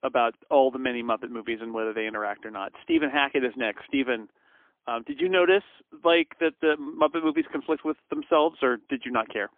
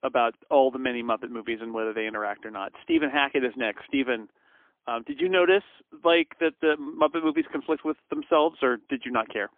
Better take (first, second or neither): neither